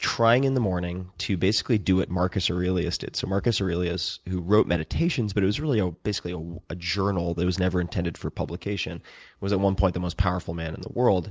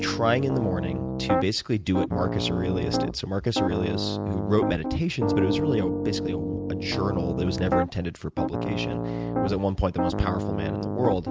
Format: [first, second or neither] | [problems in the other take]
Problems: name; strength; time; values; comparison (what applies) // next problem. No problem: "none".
first | background sound (Piano); 1 dB below the speech